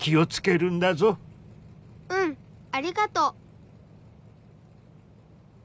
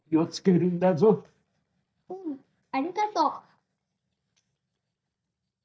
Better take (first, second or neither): first